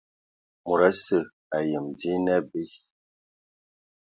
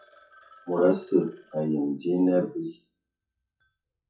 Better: first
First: none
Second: noise reduction (classical method WPE with log-MMSE)

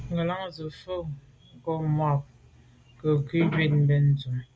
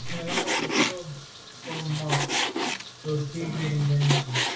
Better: first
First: none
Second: background sound (Frying (food)); as loud as the speech // room echo; dies away in 0.4 s

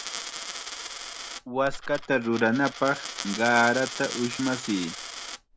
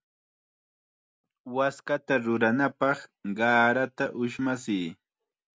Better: second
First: background sound (Coin (dropping)); 10 dB below the speech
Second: none

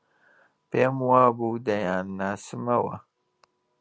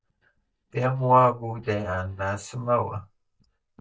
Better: first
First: none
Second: noise reduction (neural mask model DeepFilterNet 3)

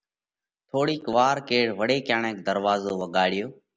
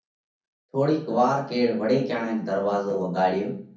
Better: first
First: none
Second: room echo; dies away in 0.6 s

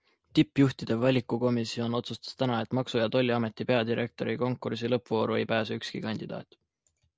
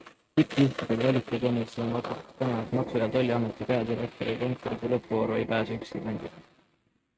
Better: first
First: none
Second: noise reduction (neural mask model RNNoise)

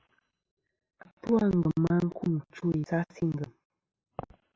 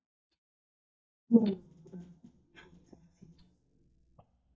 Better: first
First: none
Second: noise reduction (neural mask model DeepFilterNet 3)

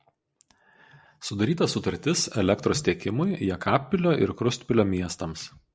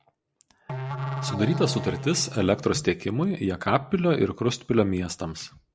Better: first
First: none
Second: background sound (Musical instrument); 7 dB below the speech

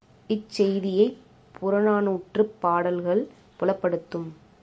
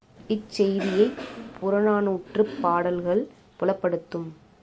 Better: first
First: none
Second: background sound (Cough); 13 dB below the speech

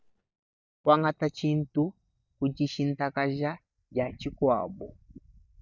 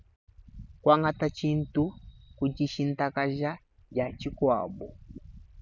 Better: second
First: noise reduction (neural mask model DeepFilterNet 3)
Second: none

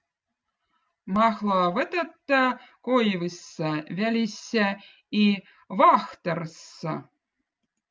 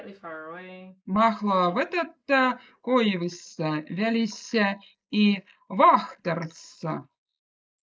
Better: first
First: none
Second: noise reduction (neural mask model Resemble Enhance denoiser)

